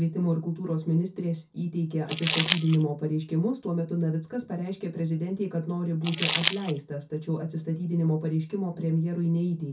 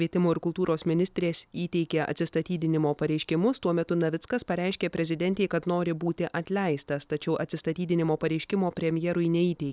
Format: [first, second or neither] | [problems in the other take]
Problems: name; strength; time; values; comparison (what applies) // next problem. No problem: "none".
second | background sound (Crumpling, crinkling); 2 dB below the speech // room echo; dies away in 0.3 s